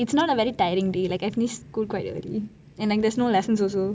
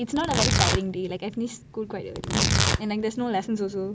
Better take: first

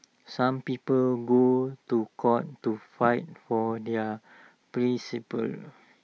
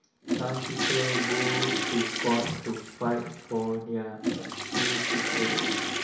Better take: first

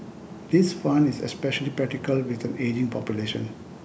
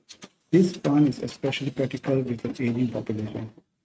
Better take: first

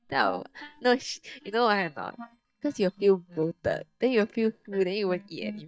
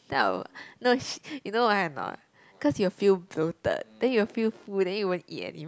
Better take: second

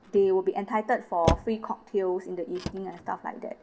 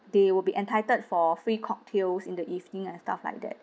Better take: second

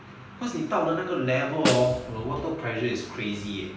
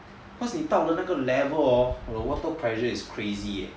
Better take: second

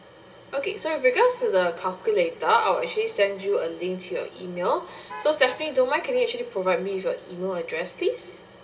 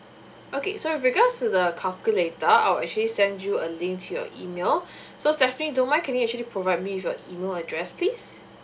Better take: second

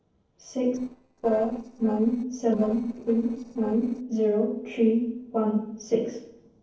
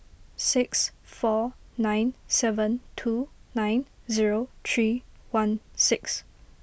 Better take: second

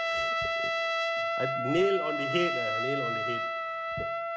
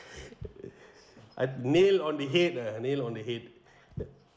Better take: second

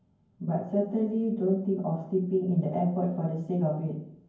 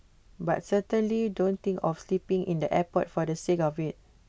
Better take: second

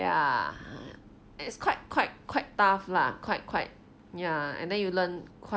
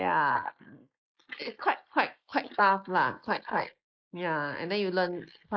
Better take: first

